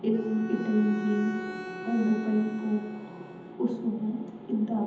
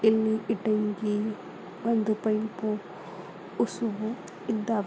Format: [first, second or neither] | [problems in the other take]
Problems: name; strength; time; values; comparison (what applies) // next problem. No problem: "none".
second | background sound (Bowed string instrument); 13 dB below the speech // room echo; dies away in 0.8 s